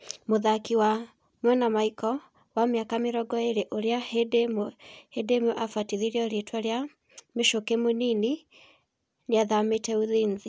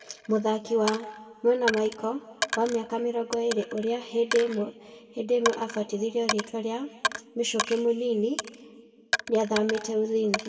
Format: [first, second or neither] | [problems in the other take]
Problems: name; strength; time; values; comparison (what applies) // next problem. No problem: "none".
first | background sound (Coin (dropping)); 8 dB below the speech // room echo; dies away in 1.8 s